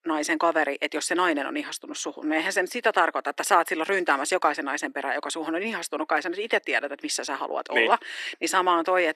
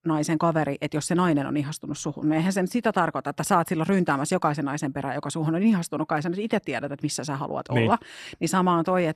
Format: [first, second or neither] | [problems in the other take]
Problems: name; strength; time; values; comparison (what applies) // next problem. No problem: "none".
second | thin; very; fading below 350 Hz